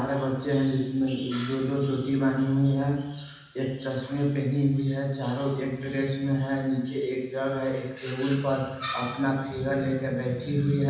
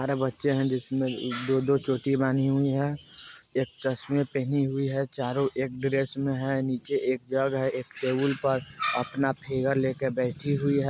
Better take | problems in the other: second | room echo; dies away in 1.1 s

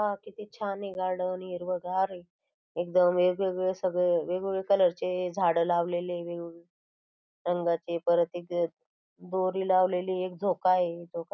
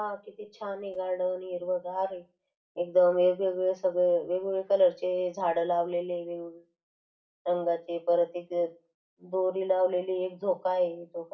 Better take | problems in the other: first | room echo; dies away in 0.3 s

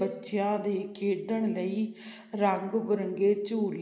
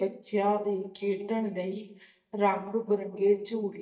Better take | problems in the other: first | noise reduction (neural mask model DeepFilterNet 3)

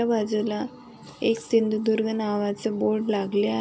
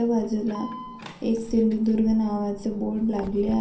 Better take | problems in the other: first | background sound (Alarm); 16 dB below the speech // room echo; dies away in 0.6 s

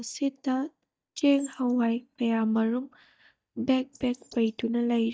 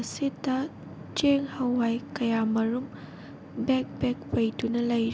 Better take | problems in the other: second | noise reduction (neural mask model DeepFilterNet 3)

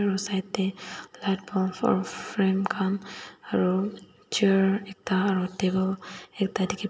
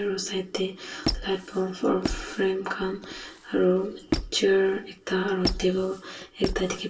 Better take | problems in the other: first | background sound (Squeak); 8 dB below the speech // room echo; dies away in 0.2 s

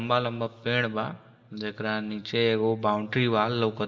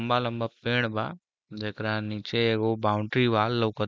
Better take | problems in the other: second | room echo; dies away in 1.2 s

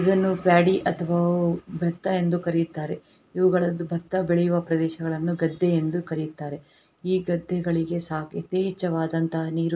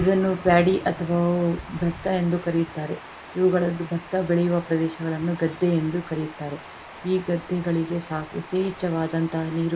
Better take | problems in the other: first | background sound (Water); 16 dB below the speech

